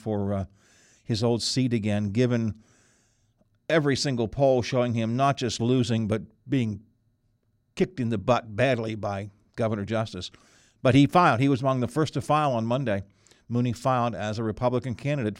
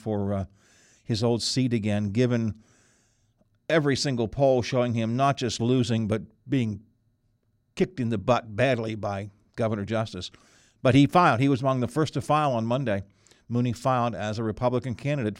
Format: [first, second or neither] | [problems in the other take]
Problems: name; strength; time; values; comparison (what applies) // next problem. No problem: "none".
neither | none